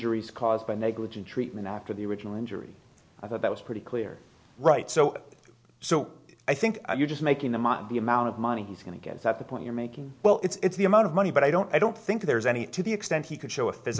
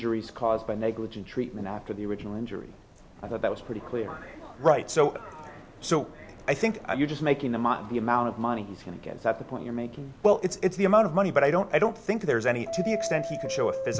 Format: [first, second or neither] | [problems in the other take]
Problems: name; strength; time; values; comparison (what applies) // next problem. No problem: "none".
first | background sound (Subway, metro, underground); 13 dB below the speech